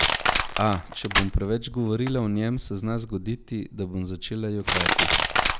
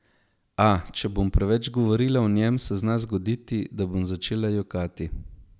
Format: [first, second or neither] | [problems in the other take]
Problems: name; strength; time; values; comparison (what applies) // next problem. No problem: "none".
second | background sound (Crushing); as loud as the speech